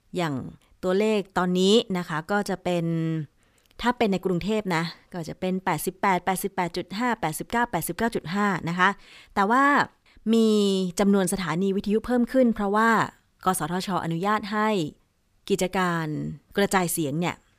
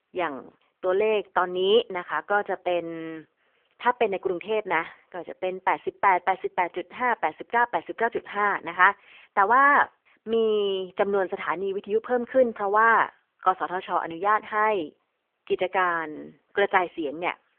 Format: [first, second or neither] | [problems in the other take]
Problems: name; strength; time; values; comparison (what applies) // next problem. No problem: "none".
first | phone-call audio; poor line; nothing above 3.5 kHz